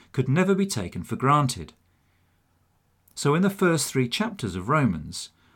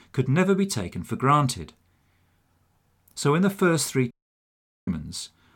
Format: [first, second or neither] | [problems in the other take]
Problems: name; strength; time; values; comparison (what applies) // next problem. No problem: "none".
first | audio cutting out; at 4 s for 1 s